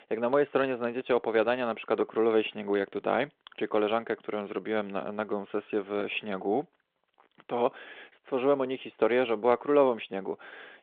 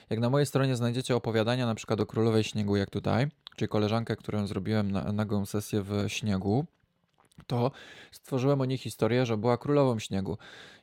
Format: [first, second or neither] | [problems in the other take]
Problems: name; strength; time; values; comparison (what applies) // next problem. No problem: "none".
second | phone-call audio